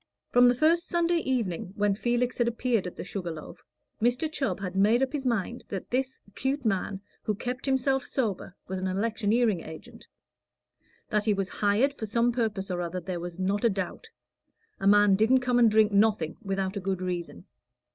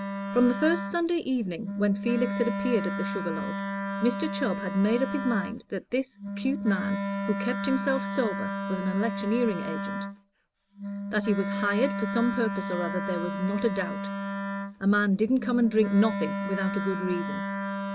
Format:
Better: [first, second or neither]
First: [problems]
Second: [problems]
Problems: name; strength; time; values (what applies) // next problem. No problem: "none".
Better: first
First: none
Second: background sound (Wind instrument, woodwind instrument); 4 dB below the speech